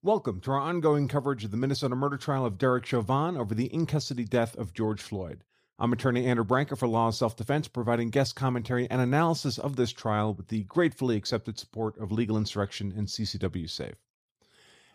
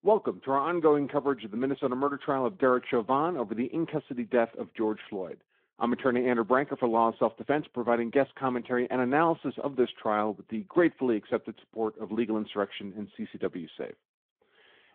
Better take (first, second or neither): first